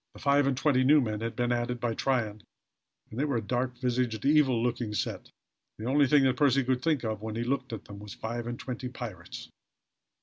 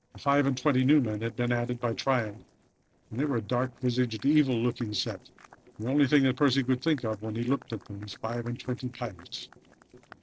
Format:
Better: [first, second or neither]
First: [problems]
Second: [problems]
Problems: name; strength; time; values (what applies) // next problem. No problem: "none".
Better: first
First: none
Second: noise reduction (neural separator model SepFormer DNS4)